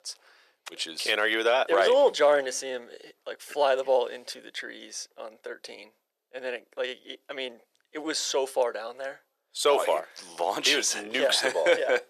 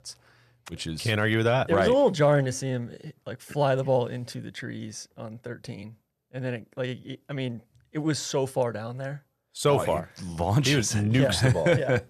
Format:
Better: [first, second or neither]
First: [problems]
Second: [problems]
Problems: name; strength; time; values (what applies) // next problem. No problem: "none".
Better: second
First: thin; very; fading below 400 Hz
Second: none